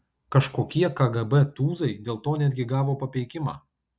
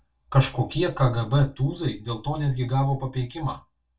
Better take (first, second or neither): first